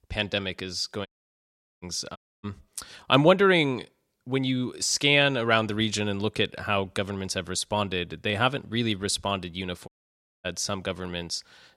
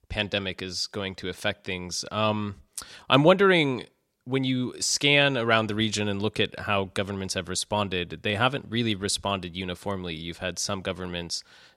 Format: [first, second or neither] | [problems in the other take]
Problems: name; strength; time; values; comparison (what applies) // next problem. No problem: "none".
second | audio cutting out; at 1 s for 1 s, at 2 s and at 10 s for 0.5 s